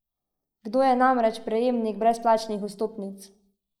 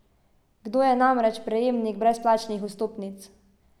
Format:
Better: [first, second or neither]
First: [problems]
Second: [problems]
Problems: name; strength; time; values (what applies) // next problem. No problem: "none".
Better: second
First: noise reduction (neural mask model Resemble Enhance denoiser)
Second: none